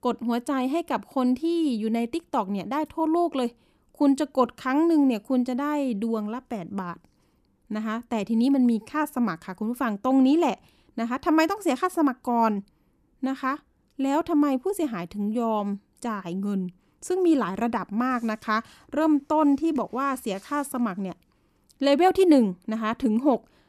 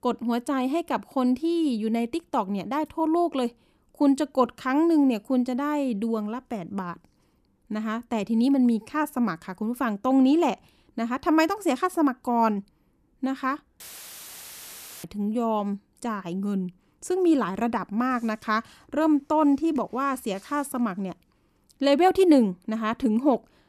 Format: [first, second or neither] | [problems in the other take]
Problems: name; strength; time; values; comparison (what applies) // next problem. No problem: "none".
first | audio cutting out; filled with static; at 14 s for 1 s